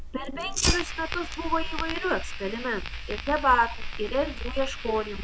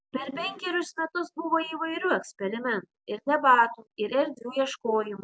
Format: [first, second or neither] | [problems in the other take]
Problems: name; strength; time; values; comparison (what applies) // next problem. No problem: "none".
second | background sound (Fire); 3 dB below the speech